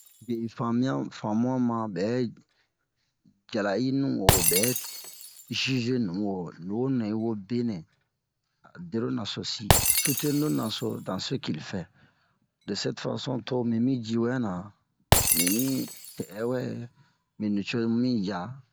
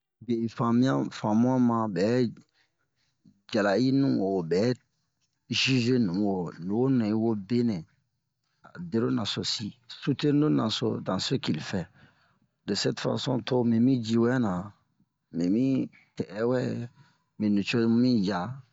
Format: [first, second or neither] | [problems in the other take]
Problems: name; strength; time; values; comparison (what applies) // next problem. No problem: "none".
second | background sound (Shatter); 3 dB below the speech